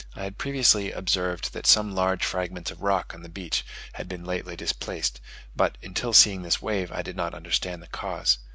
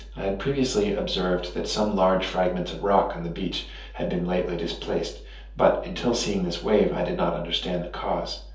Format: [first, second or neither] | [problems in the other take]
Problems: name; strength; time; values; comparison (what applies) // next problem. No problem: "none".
first | room echo; dies away in 0.5 s